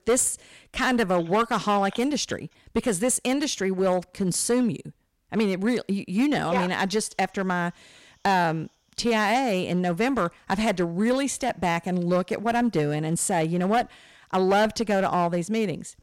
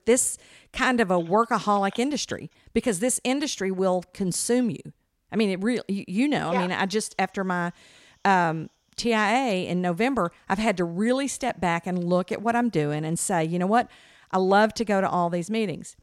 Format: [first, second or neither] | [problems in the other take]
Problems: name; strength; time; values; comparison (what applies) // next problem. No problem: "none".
second | distortion; slight; 6% of the sound clipped